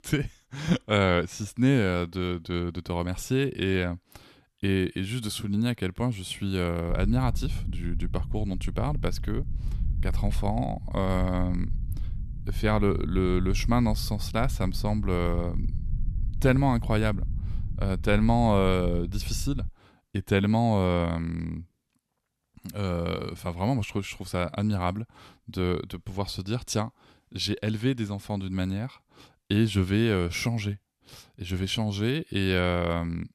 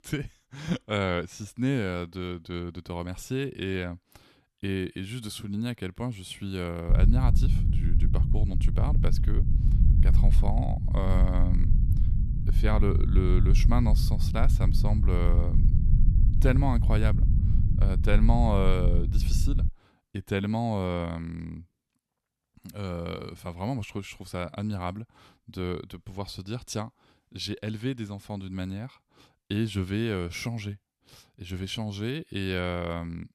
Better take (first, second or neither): first